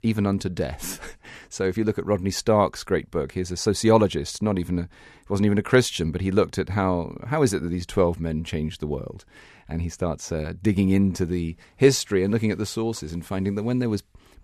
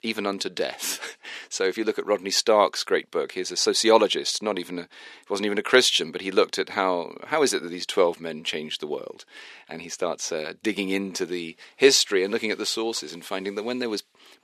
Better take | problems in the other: first | thin; somewhat; fading below 350 Hz

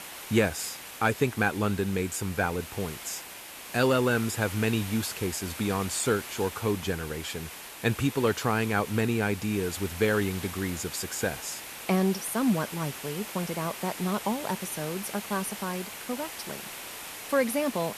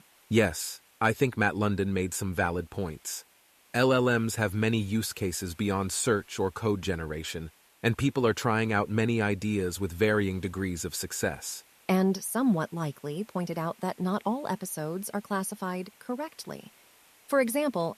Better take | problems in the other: second | hiss; loud; throughout; 10 dB below the speech; faint in the second

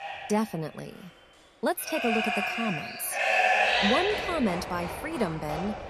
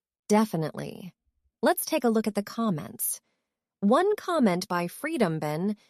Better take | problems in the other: second | animal sounds; very loud; throughout; 3 dB above the speech

